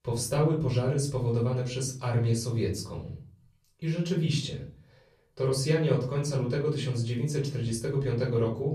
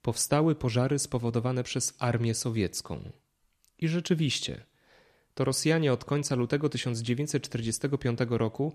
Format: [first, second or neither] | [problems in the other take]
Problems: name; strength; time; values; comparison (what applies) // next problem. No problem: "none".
second | off-mic speech; far // room echo; slight; dies away in 0.5 s